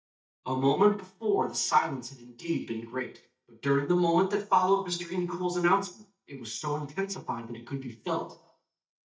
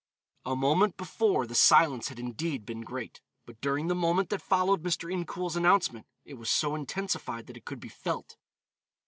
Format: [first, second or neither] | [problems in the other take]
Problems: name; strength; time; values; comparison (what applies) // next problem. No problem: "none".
second | noise reduction (neural mask model DeepFilterNet 3)